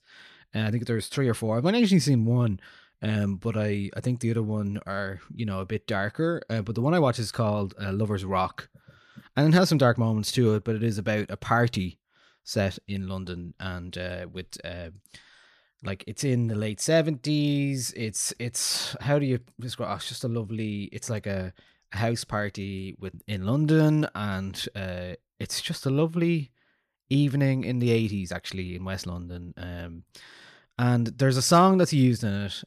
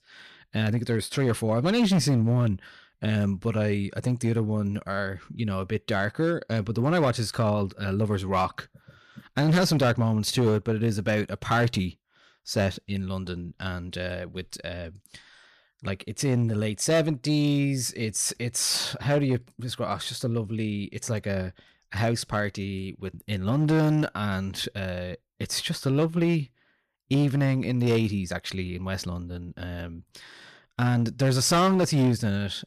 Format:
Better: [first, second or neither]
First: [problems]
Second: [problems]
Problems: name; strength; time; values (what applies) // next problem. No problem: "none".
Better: first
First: none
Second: distortion; slight; 5% of the sound clipped